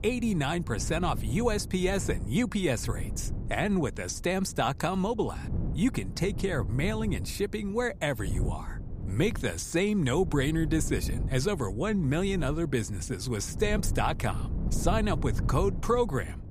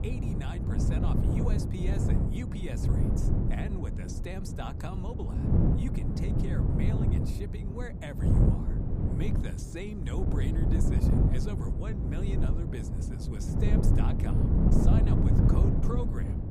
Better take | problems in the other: first | wind noise on the microphone; heavy; 4 dB above the speech; occasional gusts in the first

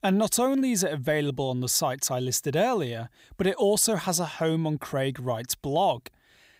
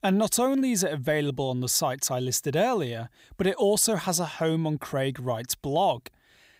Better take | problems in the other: neither | none

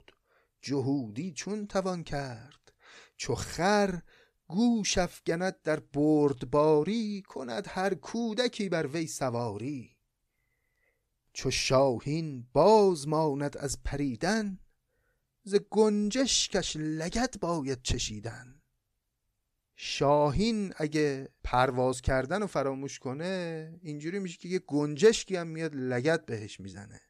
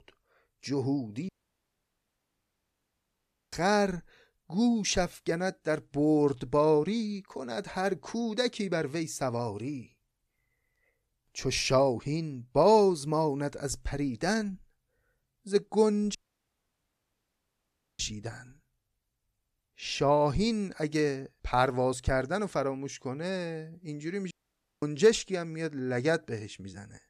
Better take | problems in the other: first | audio cutting out; at 1.5 s for 2 s, at 16 s for 2 s and at 24 s for 0.5 s

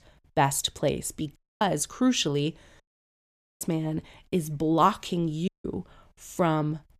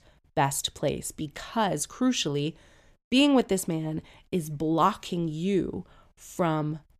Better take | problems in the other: second | audio cutting out; at 1.5 s, at 3 s for 1 s and at 5.5 s

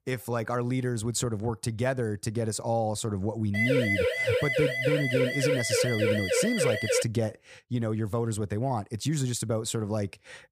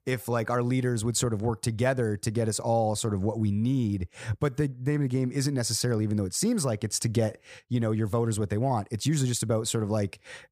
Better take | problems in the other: second | siren; loud; from 3.5 to 7 s; peak 5 dB above the speech

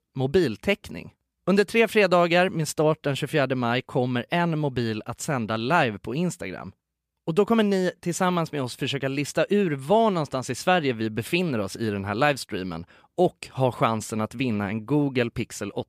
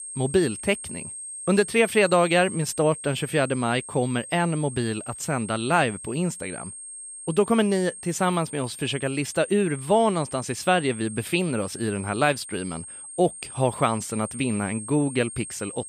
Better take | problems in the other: first | high-pitched whine; noticeable; throughout; 8.5 kHz, 10 dB below the speech

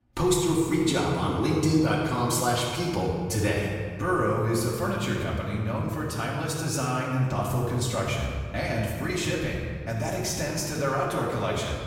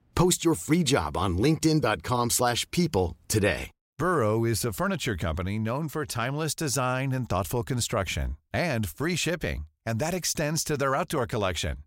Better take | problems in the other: second | off-mic speech; far // room echo; noticeable; dies away in 2 s

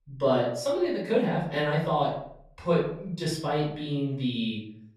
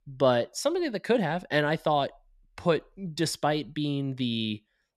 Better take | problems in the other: second | off-mic speech; far // room echo; noticeable; dies away in 0.6 s

